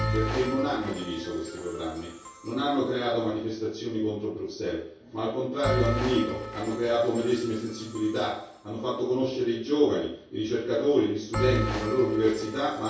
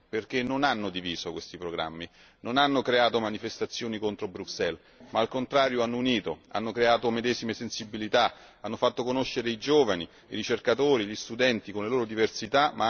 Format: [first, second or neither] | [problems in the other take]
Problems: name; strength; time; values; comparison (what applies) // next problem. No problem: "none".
second | background sound (Bell); 8 dB below the speech // room echo; dies away in 0.6 s